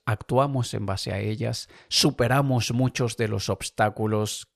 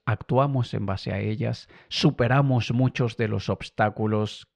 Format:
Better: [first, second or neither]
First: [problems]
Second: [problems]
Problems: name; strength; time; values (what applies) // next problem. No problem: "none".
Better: first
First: none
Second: muffled; slightly; fading above 3 kHz